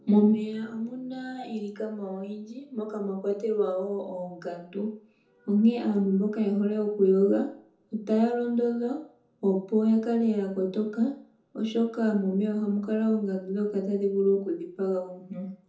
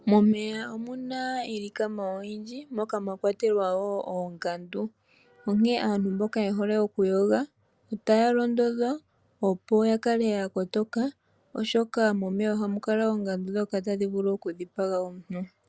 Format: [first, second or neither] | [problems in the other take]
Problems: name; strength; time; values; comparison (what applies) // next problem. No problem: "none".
second | room echo; dies away in 0.5 s